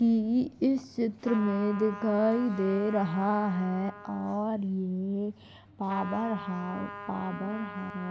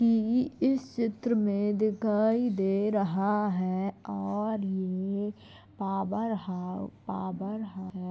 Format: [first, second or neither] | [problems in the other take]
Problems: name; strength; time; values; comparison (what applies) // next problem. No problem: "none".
second | background sound (Trumpet); 14 dB below the speech